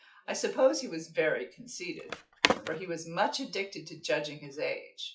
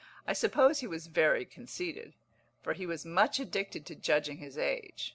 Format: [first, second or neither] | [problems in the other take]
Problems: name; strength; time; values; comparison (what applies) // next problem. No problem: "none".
second | noise reduction (classical method WPE with log-MMSE)